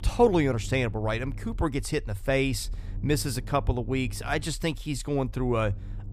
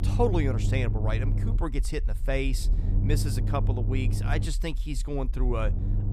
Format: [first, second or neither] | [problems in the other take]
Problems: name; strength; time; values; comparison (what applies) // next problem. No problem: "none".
first | low rumble; loud; throughout; 9 dB below the speech; faint in the first